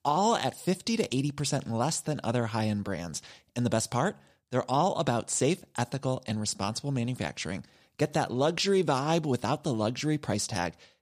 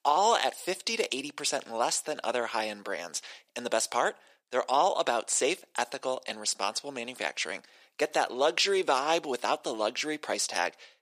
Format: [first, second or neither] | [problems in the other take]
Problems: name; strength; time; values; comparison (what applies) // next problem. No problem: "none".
first | thin; very; fading below 400 Hz